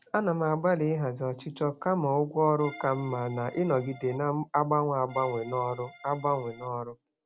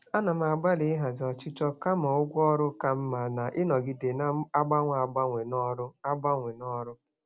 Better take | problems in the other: second | background sound (Accordion); 19 dB below the speech

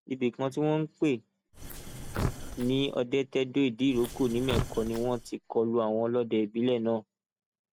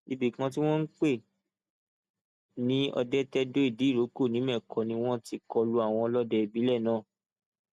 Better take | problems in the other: second | noise reduction (neural mask model Resemble Enhance denoiser)

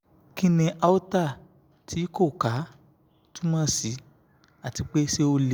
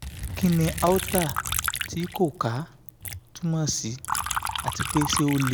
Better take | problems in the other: first | background sound (Liquid); 5 dB below the speech

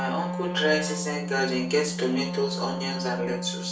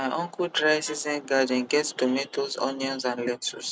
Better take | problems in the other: second | background sound (Wind instrument, woodwind instrument); 4 dB below the speech // room echo; dies away in 0.4 s

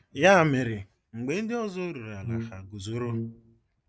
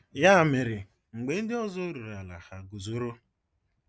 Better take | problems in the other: second | background sound (Brass instrument); 7 dB below the speech

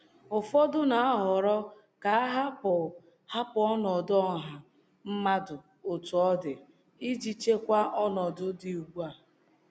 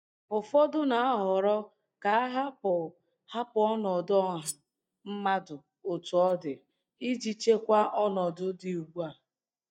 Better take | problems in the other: first | noise reduction (neural mask model DeepFilterNet 3)

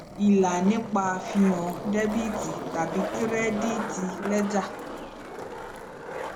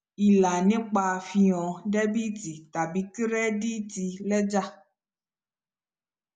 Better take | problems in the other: second | background sound (Skateboard); 7 dB below the speech

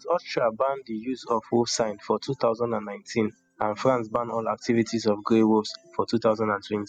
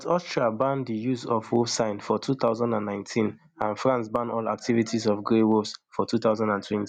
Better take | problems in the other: second | noise reduction (classical method spectral subtraction)

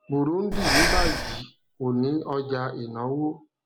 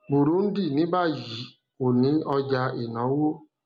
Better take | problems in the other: second | background sound (Breathing); 1 dB above the speech

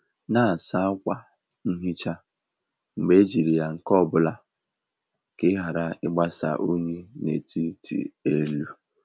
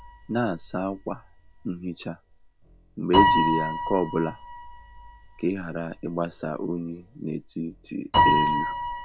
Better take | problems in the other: first | background sound (Piano); 2 dB above the speech

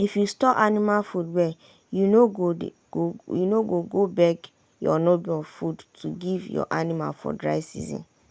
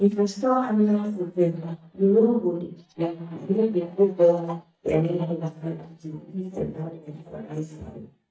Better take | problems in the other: first | noise reduction (neural mask model DeepFilterNet 3)

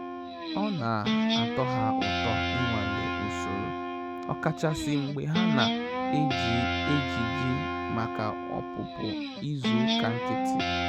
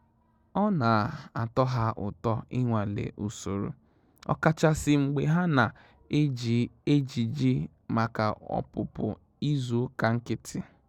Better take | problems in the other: second | background sound (Guitar); 3 dB above the speech

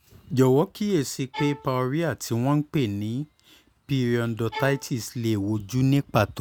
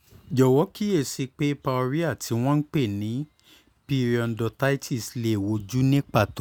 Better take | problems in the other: second | background sound (Bowed string instrument); 14 dB below the speech

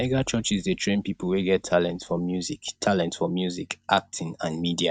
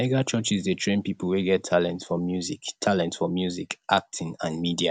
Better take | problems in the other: second | noise reduction (neural mask model RNNoise)

